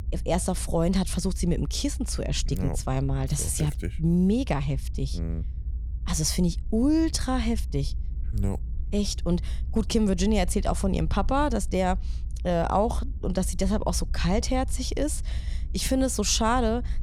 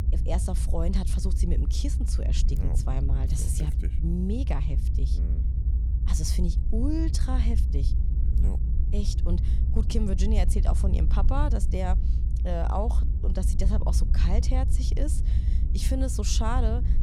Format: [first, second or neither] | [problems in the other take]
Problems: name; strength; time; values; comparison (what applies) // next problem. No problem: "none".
first | low rumble; loud; throughout; 8 dB below the speech; faint in the first